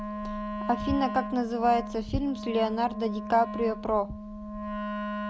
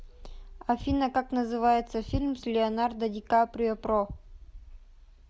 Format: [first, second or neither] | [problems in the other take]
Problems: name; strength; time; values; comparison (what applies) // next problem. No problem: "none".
second | background sound (Wind instrument, woodwind instrument); 7 dB below the speech